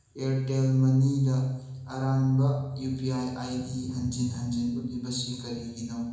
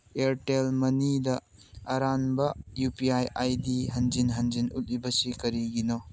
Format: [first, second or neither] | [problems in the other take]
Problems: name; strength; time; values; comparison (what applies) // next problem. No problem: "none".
second | room echo; dies away in 1 s